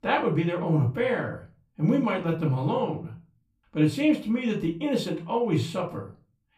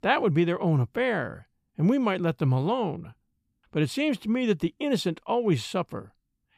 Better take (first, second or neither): second